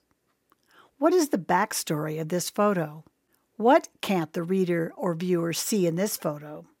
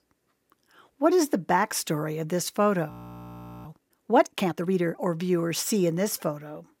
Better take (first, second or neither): first